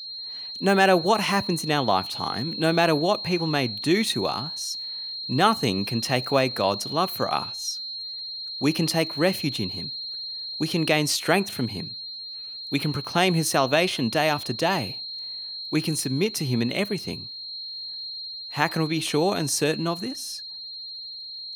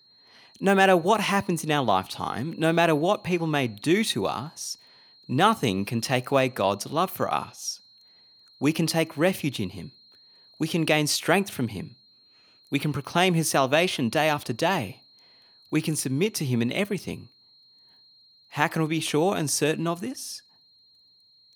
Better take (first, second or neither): second